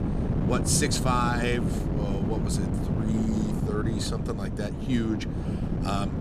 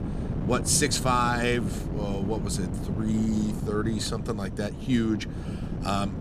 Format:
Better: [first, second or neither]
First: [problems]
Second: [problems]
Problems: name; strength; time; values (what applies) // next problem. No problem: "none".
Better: second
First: wind noise on the microphone; heavy; 5 dB below the speech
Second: wind noise on the microphone; occasional gusts; 10 dB below the speech